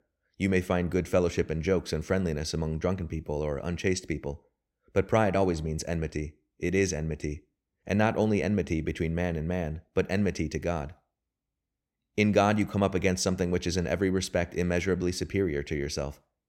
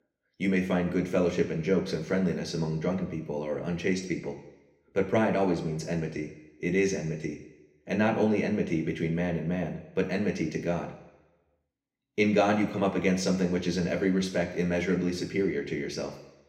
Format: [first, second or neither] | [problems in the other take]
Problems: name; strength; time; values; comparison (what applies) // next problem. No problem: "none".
first | room echo; slight; dies away in 0.9 s // off-mic speech; somewhat distant